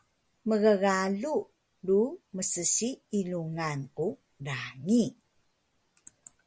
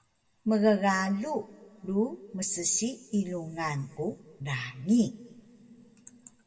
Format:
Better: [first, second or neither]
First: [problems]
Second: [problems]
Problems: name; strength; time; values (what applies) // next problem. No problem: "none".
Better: first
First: none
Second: room echo; dies away in 1.7 s